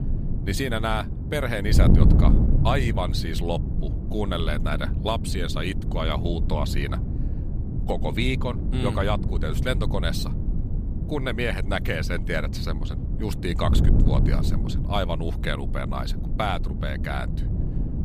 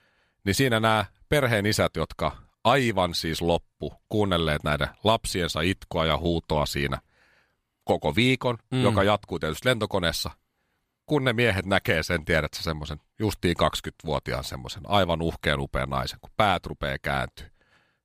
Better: second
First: wind noise on the microphone; heavy; 8 dB below the speech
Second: none

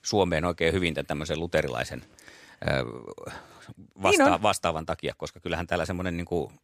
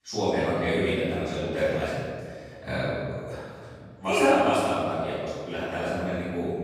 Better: first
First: none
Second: off-mic speech; far // room echo; strong; dies away in 1.8 s

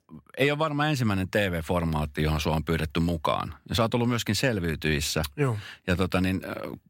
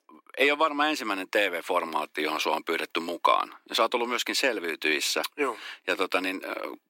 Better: first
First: none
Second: thin; very; fading below 300 Hz

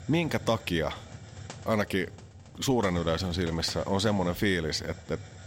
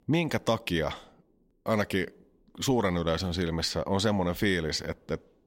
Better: second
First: hiss; noticeable; throughout; 15 dB below the speech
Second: none

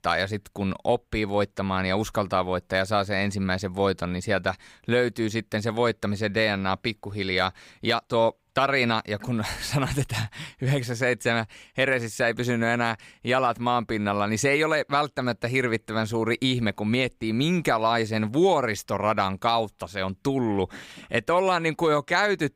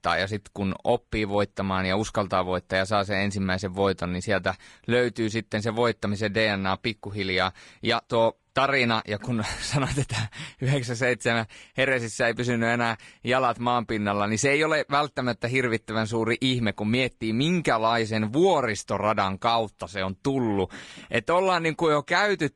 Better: first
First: none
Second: garbled, watery; slightly; nothing above 10.5 kHz

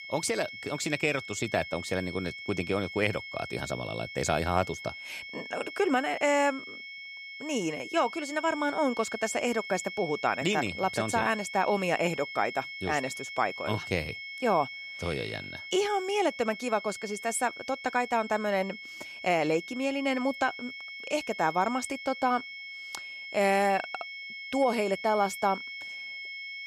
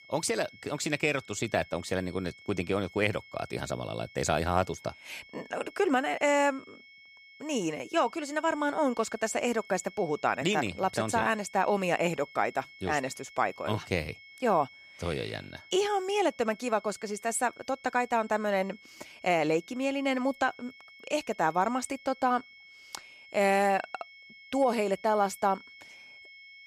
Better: second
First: high-pitched whine; loud; throughout; 2 kHz, 9 dB below the speech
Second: high-pitched whine; faint; throughout; 2 kHz, 20 dB below the speech

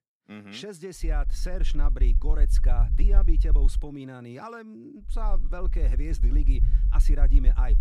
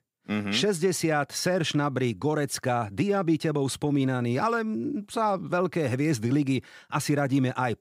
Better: second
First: low rumble; loud; from 1 to 4 s and from 5 s on; 10 dB below the speech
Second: none

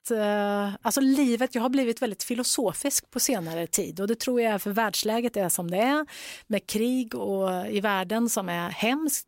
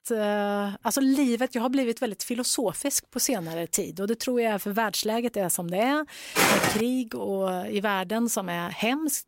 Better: first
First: none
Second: footsteps; loud; at 6.5 s; peak 6 dB above the speech

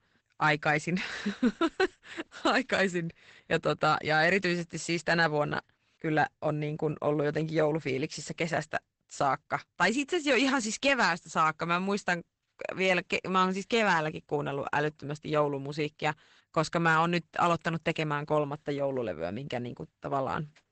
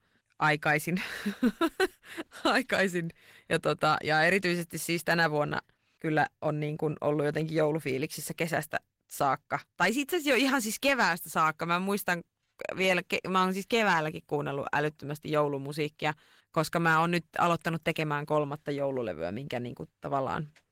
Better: second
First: garbled, watery; badly; nothing above 8 kHz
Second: garbled, watery; slightly; nothing above 16 kHz

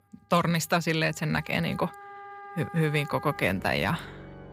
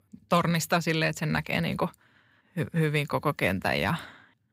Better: second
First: background music; noticeable; throughout; 15 dB below the speech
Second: none

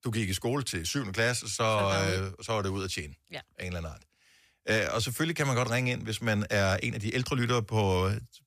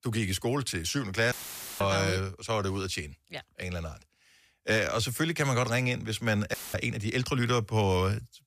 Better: first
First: none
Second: audio cutting out; filled with static; at 1.5 s and at 6.5 s

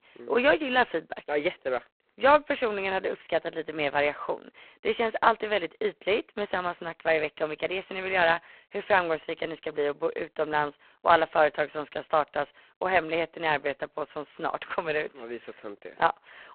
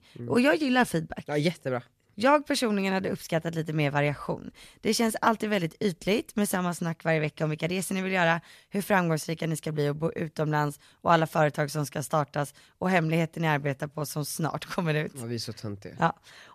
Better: second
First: phone-call audio; poor line; nothing above 4 kHz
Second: none

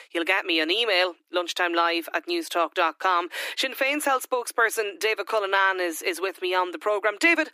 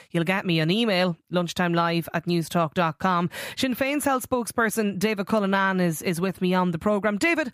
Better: second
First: thin; very; fading below 300 Hz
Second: none

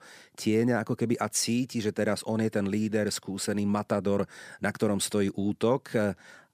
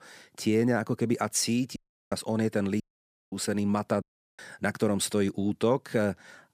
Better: first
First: none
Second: audio cutting out; at 2 s, at 3 s for 0.5 s and at 4 s

